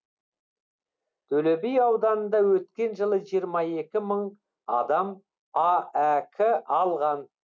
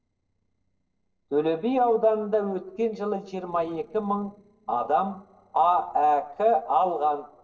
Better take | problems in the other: first | noise reduction (neural separator model SepFormer DNS4)

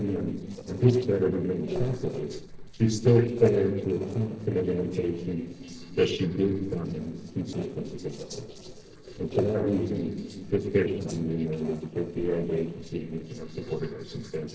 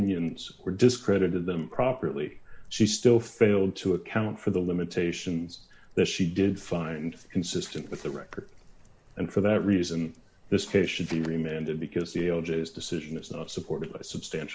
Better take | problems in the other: second | noise reduction (neural separator model SepFormer DNS4)

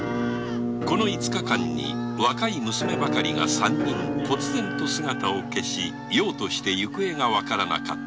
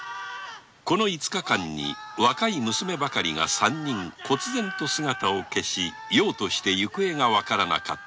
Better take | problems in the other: second | background sound (Musical instrument); 2 dB below the speech

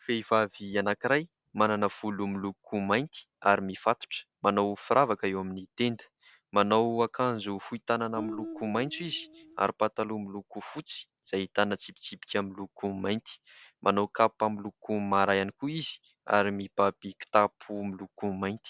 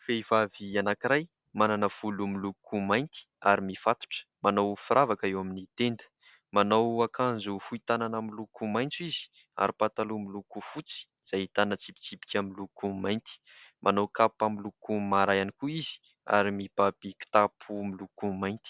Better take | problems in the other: second | background sound (Guitar); 11 dB below the speech

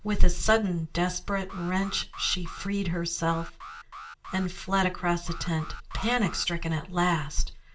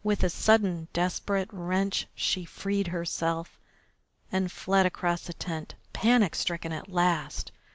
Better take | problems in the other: second | background sound (Alarm); 19 dB below the speech // room echo; dies away in 0.2 s

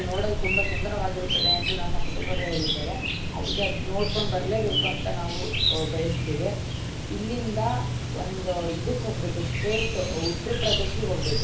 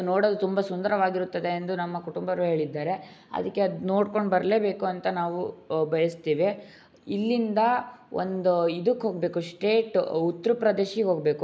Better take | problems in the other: second | background sound (Chirp, tweet); 4 dB above the speech // room echo; dies away in 0.4 s

